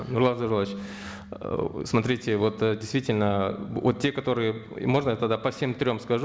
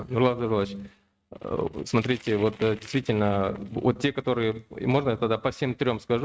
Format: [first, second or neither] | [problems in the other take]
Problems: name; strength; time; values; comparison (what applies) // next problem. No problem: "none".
first | noise reduction (neural mask model RNNoise)